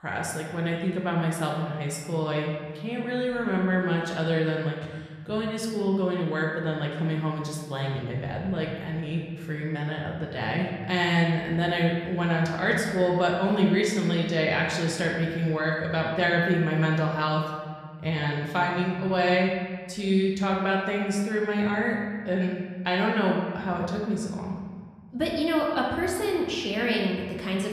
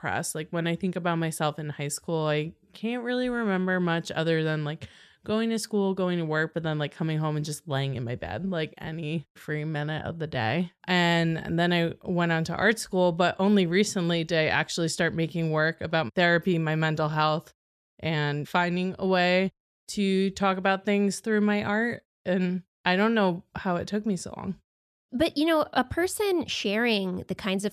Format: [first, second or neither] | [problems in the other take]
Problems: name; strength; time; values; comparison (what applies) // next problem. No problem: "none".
second | room echo; noticeable; dies away in 1.5 s // off-mic speech; somewhat distant